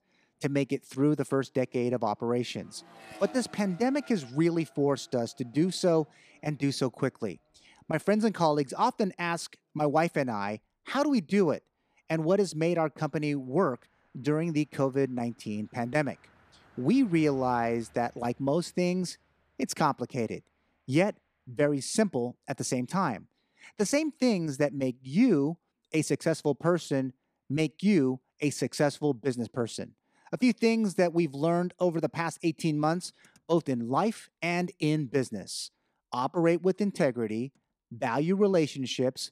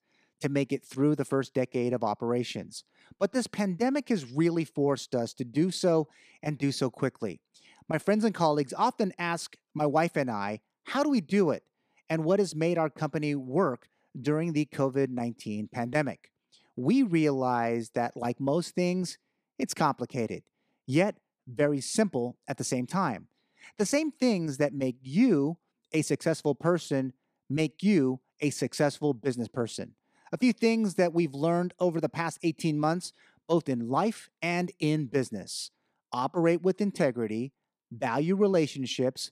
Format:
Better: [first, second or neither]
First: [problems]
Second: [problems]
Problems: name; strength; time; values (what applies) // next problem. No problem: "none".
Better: second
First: traffic noise; faint; throughout; 30 dB below the speech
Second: none